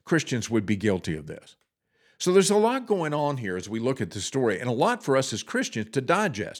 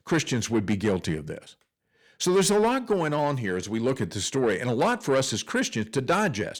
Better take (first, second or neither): first